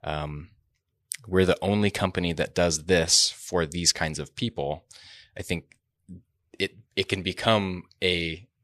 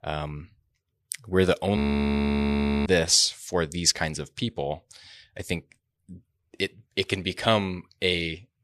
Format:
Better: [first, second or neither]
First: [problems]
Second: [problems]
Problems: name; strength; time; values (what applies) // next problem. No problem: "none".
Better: first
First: none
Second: audio freezing; at 2 s for 1 s